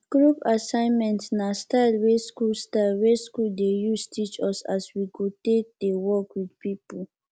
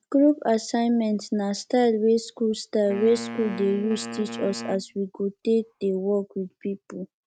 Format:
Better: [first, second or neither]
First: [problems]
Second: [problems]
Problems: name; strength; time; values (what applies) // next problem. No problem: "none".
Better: first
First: none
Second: noise reduction (neural mask model RNNoise)